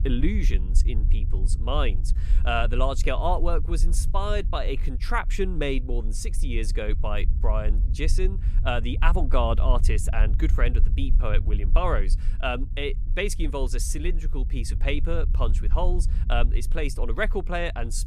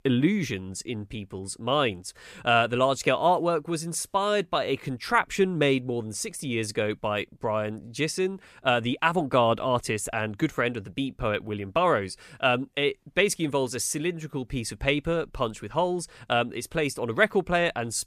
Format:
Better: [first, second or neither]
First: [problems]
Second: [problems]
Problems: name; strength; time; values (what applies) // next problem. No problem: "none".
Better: second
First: low rumble; noticeable; throughout; 20 dB below the speech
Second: none